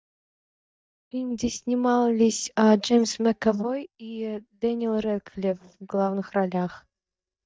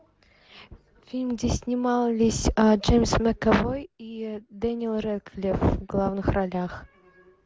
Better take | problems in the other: second | noise reduction (neural mask model DeepFilterNet 3)

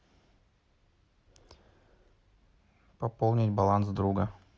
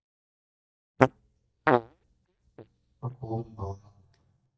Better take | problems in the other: first | noise reduction (neural mask model DeepFilterNet 3)

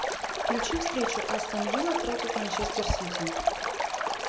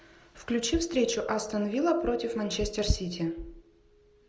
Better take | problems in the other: second | background sound (Stream); 3 dB above the speech

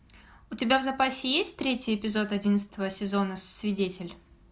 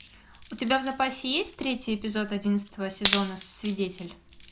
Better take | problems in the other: first | background sound (Wood); 8 dB below the speech

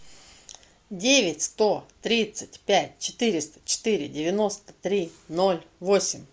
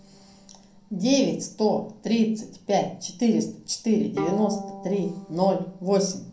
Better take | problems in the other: first | background sound (Bowed string instrument); 15 dB below the speech // room echo; dies away in 0.5 s

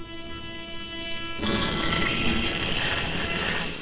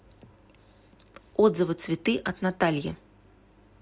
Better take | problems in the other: second | noise reduction (neural separator model SepFormer WHAMR!)

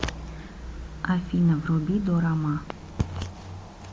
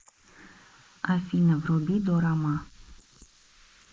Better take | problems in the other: first | noise reduction (neural mask model Resemble Enhance denoiser)

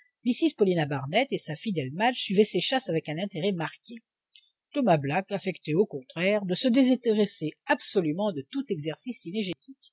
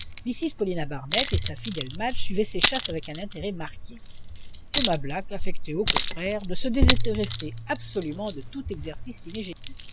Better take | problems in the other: first | background sound (Chink, clink); 5 dB above the speech

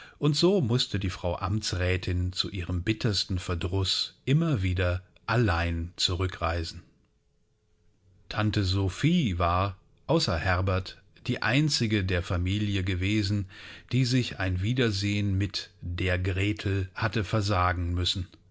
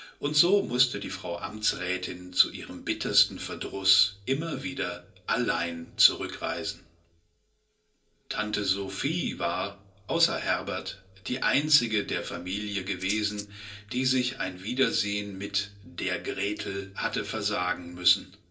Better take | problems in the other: first | background sound (Rattle (instrument)); 12 dB below the speech // room echo; dies away in 0.3 s

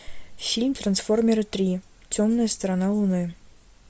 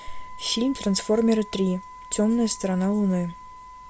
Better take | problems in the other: first | background sound (Wind instrument, woodwind instrument); 18 dB below the speech

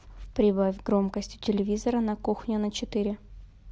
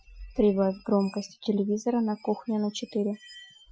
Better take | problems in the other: first | noise reduction (classical method Wiener filter)

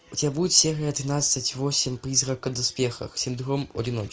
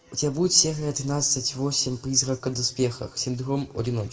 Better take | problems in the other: first | room echo; dies away in 1 s

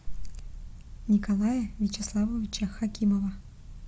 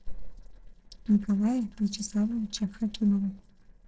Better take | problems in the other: first | noise reduction (neural separator model SepFormer DNS4)

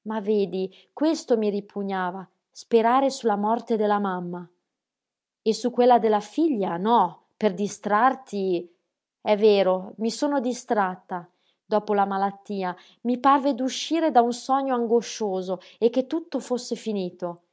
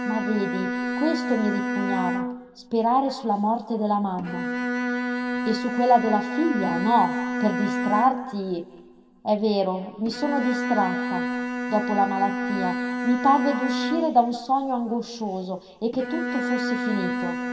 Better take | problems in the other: first | background sound (Bowed string instrument); 3 dB below the speech // room echo; dies away in 2 s

